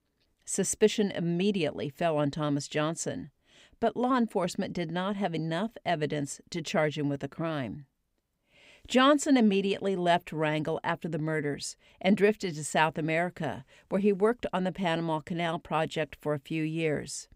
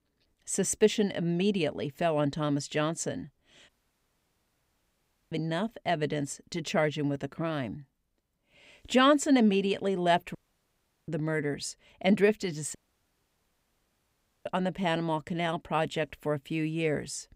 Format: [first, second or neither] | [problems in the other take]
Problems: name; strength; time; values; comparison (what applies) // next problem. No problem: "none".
first | audio cutting out; at 3.5 s for 1.5 s, at 10 s for 0.5 s and at 13 s for 1.5 s